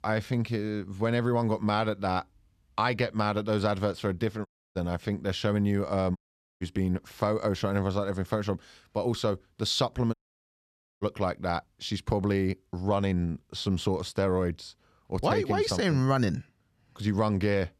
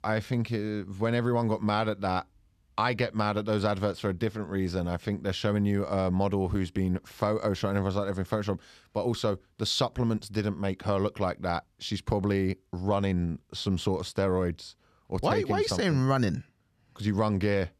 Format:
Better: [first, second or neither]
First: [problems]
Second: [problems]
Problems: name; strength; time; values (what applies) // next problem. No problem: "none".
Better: second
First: audio cutting out; at 4.5 s, at 6 s and at 10 s for 1 s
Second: none